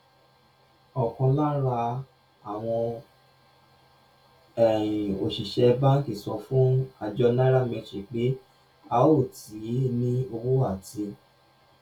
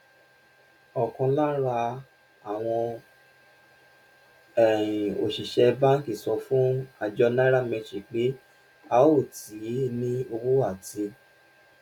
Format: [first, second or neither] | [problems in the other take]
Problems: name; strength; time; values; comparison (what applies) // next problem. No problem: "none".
second | room echo; dies away in 0.2 s